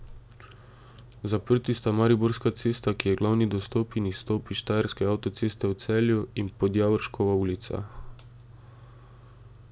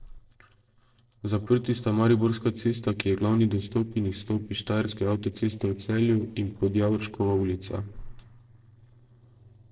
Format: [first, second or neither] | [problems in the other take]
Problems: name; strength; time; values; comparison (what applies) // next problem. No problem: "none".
first | noise reduction (neural separator model SepFormer DNS4)